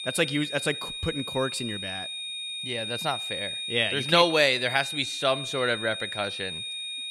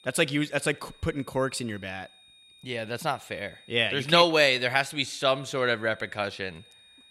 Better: second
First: high-pitched whine; loud; throughout; 3.5 kHz, 5 dB below the speech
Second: high-pitched whine; faint; throughout; 3.5 kHz, 25 dB below the speech

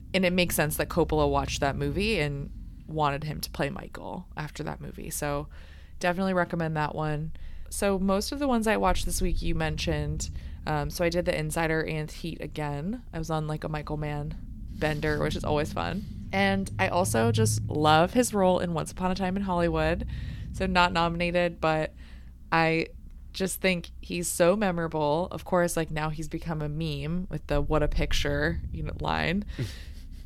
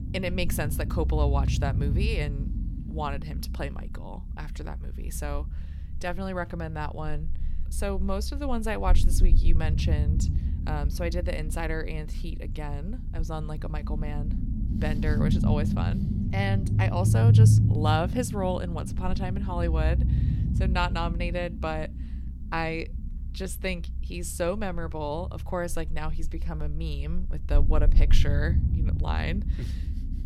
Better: first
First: low rumble; faint; throughout; 25 dB below the speech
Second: low rumble; loud; throughout; 7 dB below the speech

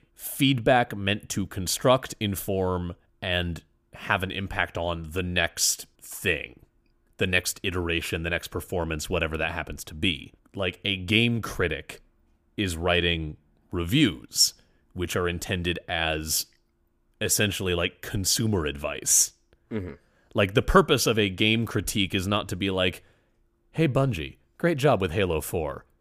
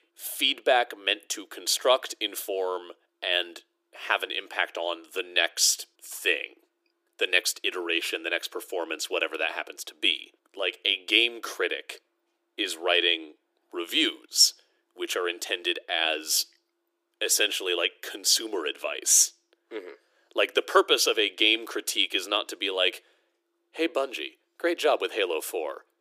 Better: first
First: none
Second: thin; very; fading below 350 Hz

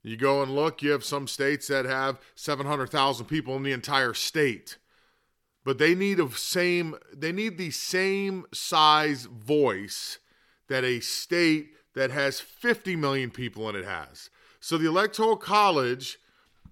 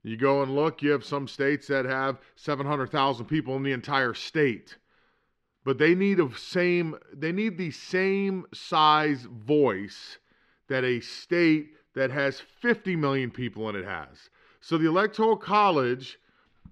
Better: first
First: none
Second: muffled; slightly; fading above 3 kHz

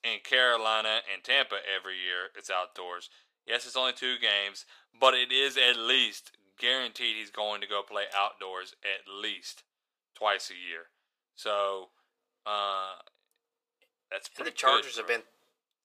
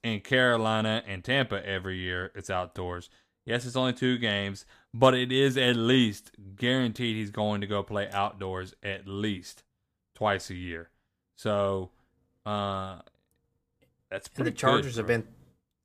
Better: second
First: thin; very; fading below 500 Hz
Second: none

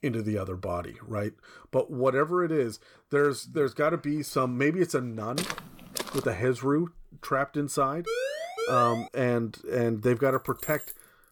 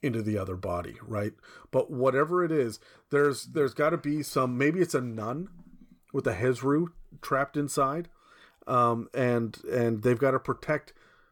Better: second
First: footsteps; noticeable; at 5.5 s; peak 5 dB below the speech // siren; noticeable; from 8 to 9 s; peak 3 dB below the speech // jangling keys; noticeable; at 10 s; peak 8 dB below the speech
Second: none

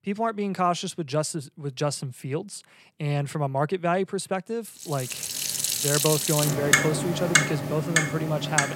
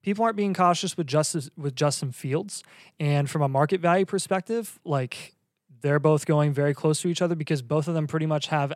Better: second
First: household noises; very loud; from 5 s on; 4 dB above the speech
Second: none

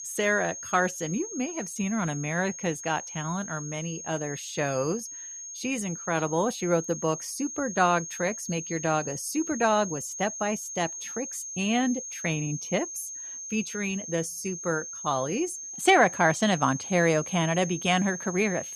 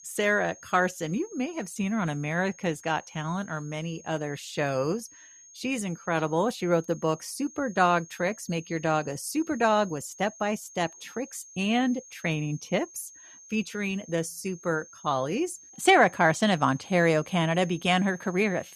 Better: second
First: high-pitched whine; loud; throughout; 6.5 kHz, 8 dB below the speech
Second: high-pitched whine; faint; throughout; 6.5 kHz, 20 dB below the speech

